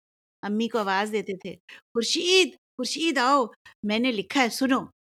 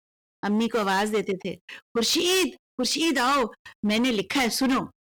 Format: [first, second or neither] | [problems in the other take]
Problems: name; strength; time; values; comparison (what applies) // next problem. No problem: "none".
first | distortion; heavy; 16% of the sound clipped